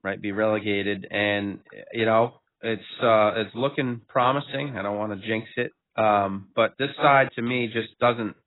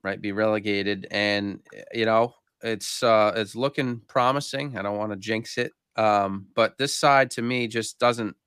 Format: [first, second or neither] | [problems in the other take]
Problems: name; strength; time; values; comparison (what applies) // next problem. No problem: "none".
second | garbled, watery; badly; nothing above 4 kHz